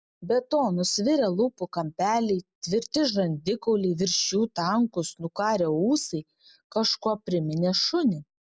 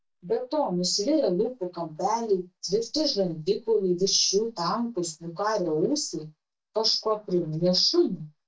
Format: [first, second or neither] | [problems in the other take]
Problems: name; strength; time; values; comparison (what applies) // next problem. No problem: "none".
first | noise reduction (neural mask model DeepFilterNet 3)